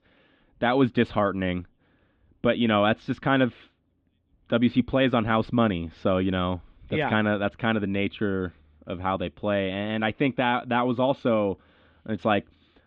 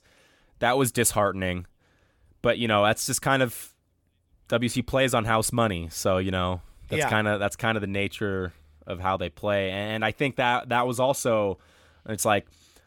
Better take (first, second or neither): second